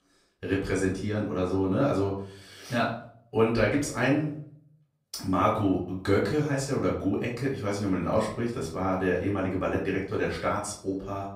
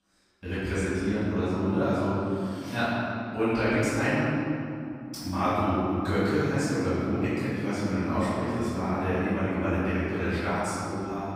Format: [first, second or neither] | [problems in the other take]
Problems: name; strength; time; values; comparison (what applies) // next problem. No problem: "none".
first | room echo; strong; dies away in 2.8 s; slight in the first // off-mic speech; far; far in the first